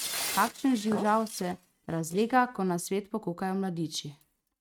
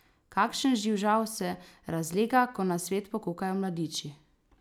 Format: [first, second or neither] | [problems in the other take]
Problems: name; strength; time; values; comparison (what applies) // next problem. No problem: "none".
second | noise reduction (neural mask model RNNoise)